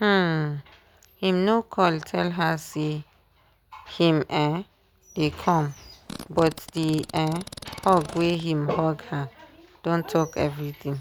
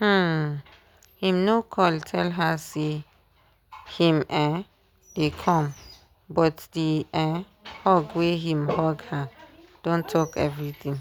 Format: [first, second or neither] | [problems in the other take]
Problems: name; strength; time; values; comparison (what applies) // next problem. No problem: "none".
second | background sound (Fart); 16 dB below the speech